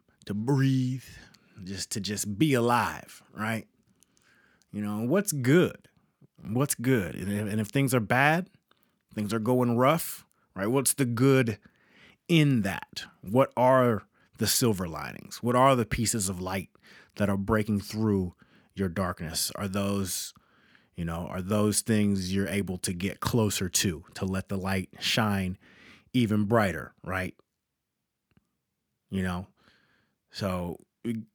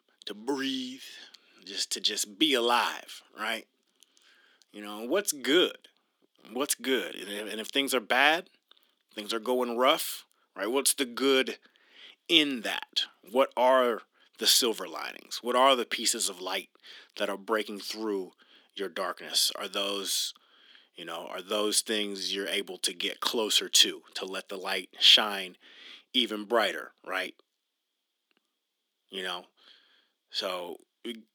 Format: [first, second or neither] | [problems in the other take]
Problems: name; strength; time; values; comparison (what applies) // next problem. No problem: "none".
first | thin; somewhat; fading below 300 Hz